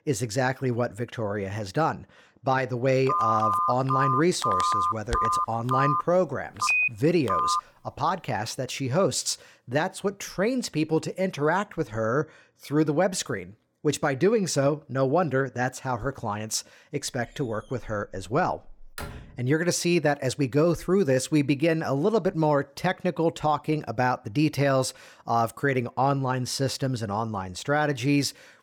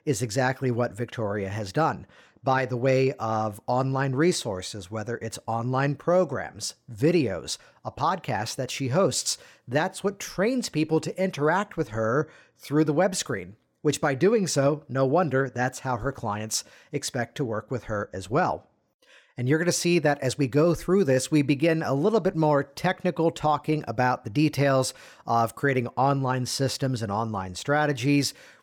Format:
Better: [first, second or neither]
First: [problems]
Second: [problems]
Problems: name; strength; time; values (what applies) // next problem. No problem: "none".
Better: second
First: phone ringing; loud; from 3 to 7.5 s; peak 4 dB above the speech // door banging; faint; from 17 to 19 s; peak 15 dB below the speech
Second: none